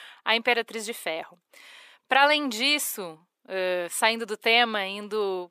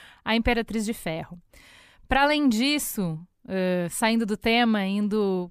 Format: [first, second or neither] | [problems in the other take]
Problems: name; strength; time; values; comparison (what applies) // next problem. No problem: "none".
second | thin; somewhat; fading below 400 Hz